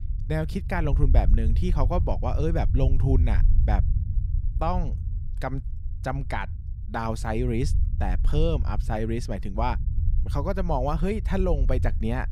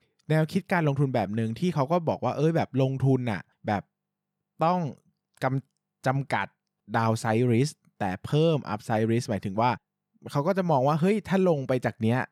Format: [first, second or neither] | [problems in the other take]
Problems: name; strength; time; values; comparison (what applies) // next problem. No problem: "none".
second | low rumble; noticeable; throughout; 15 dB below the speech